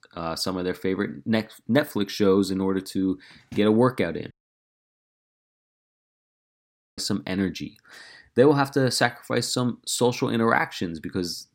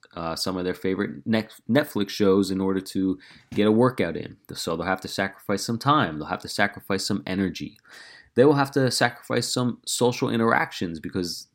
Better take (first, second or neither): second